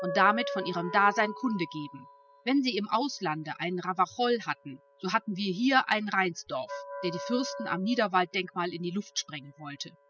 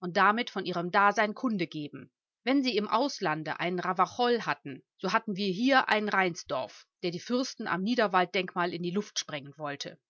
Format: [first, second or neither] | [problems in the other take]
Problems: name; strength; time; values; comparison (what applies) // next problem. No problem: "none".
second | noise reduction (classical method spectral subtraction)